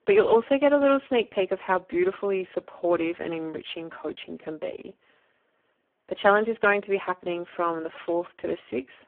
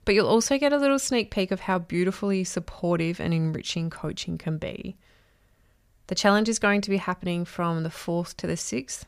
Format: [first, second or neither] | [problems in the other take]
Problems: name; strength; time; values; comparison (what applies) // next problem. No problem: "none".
second | phone-call audio; poor line